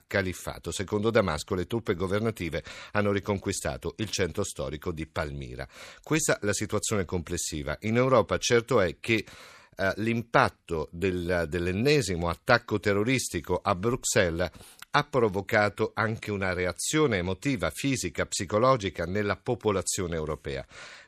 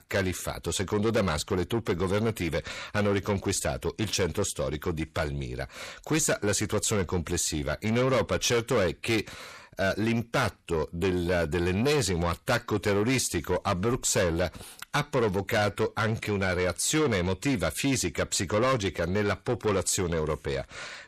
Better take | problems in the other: first | distortion; heavy; 7 dB below the speech

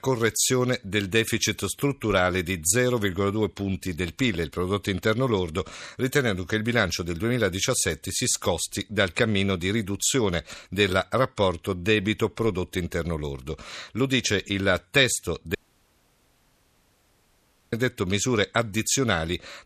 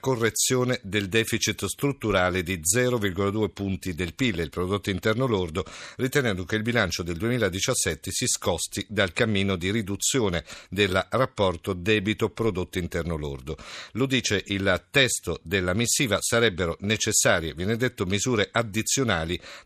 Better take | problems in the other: second | audio cutting out; at 16 s for 2 s

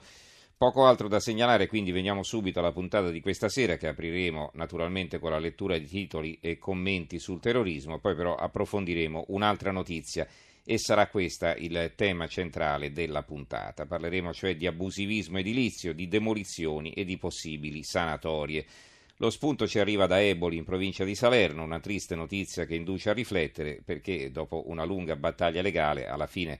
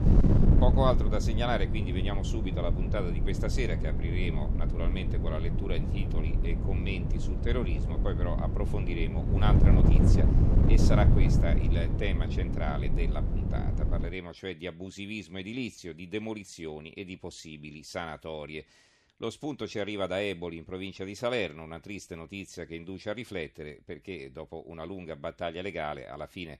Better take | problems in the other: first | wind noise on the microphone; heavy; until 14 s; 2 dB below the speech

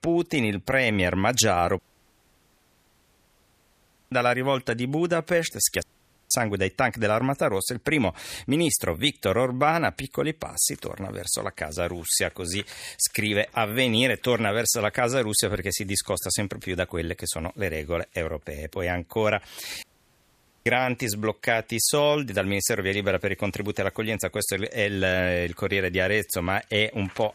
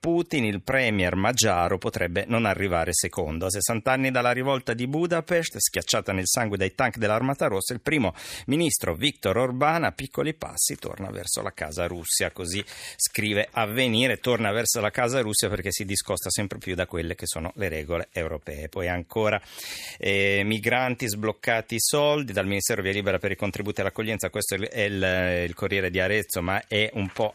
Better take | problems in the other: second | audio cutting out; at 2 s for 2.5 s, at 6 s and at 20 s for 1 s

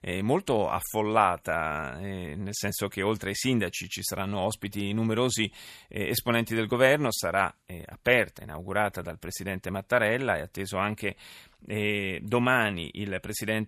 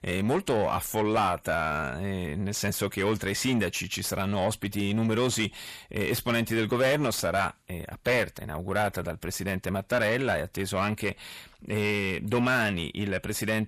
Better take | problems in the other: first | distortion; heavy; 8 dB below the speech

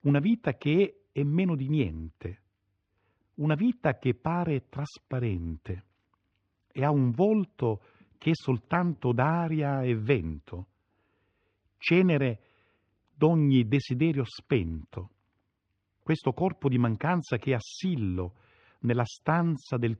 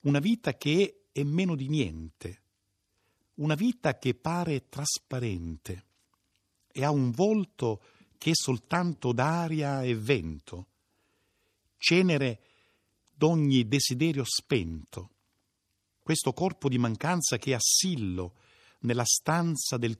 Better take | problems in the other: second | muffled; very; fading above 2.5 kHz

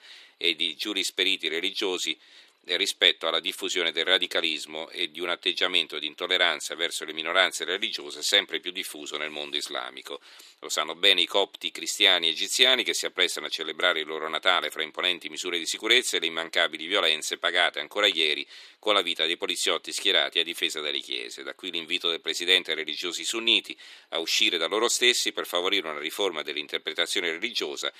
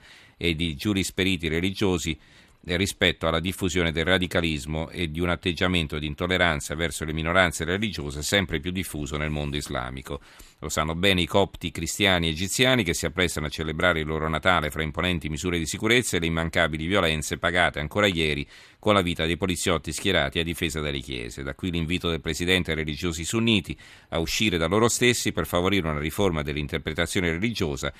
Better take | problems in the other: second | thin; somewhat; fading below 350 Hz

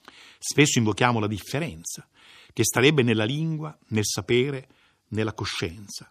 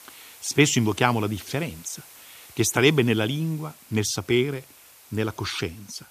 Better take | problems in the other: first | hiss; faint; throughout; 20 dB below the speech

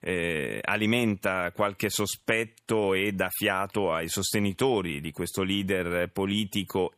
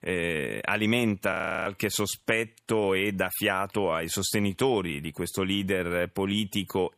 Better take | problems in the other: first | audio freezing; at 1.5 s

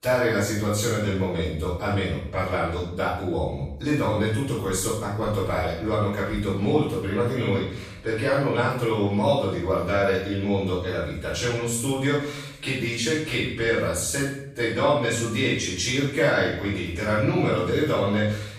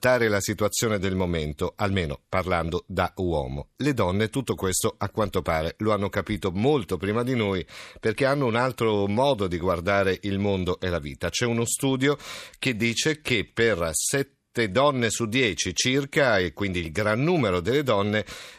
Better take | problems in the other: second | off-mic speech; far // room echo; noticeable; dies away in 0.7 s

